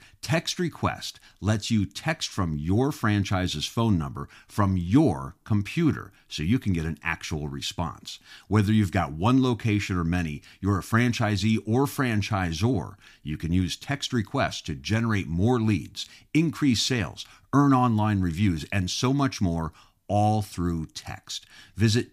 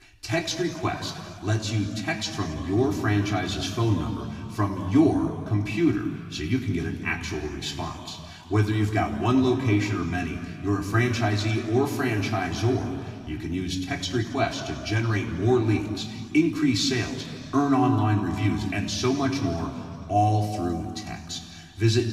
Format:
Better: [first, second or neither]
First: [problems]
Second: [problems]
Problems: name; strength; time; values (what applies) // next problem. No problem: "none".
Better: first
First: none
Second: room echo; noticeable; dies away in 2.3 s // off-mic speech; somewhat distant